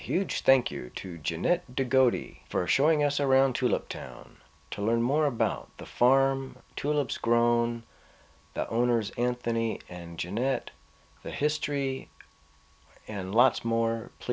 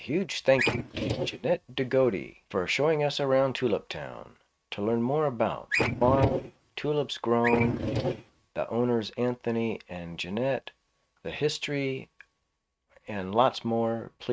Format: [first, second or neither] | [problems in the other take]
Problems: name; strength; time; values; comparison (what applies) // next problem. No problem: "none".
first | noise reduction (neural mask model RNNoise)